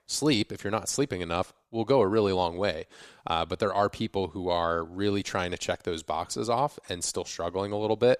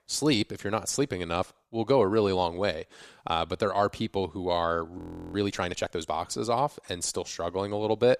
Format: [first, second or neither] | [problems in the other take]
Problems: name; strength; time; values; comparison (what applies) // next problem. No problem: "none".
first | audio freezing; at 5 s